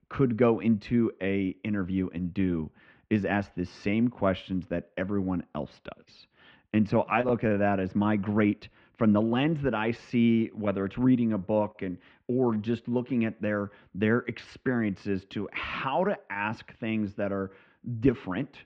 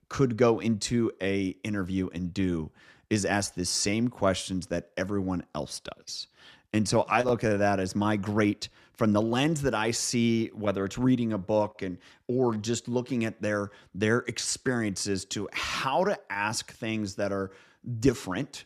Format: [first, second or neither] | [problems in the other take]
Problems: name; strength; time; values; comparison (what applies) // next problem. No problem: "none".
second | muffled; very; fading above 2.5 kHz